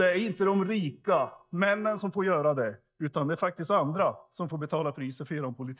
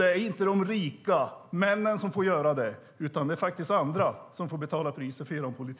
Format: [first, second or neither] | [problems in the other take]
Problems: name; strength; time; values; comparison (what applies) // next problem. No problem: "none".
second | noise reduction (neural mask model DeepFilterNet 3)